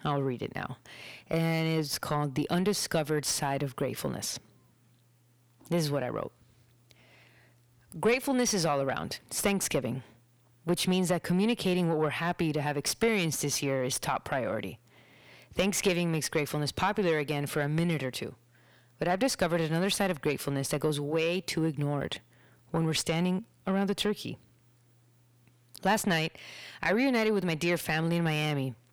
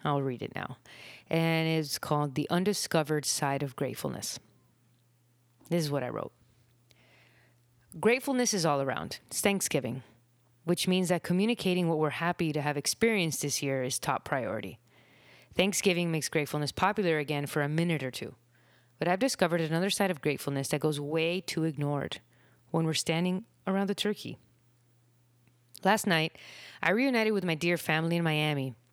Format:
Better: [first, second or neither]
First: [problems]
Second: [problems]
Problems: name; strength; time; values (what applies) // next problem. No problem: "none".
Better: second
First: distortion; slight; 10 dB below the speech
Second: none